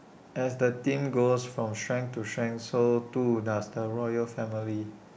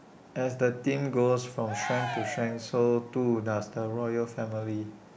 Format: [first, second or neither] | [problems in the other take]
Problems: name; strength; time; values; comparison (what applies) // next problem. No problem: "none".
first | background sound (Cheering); 9 dB below the speech